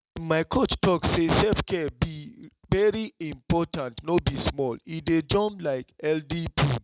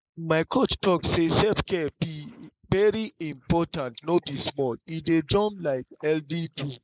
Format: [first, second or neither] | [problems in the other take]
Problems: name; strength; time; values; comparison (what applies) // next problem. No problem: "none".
first | noise reduction (neural mask model Resemble Enhance denoiser)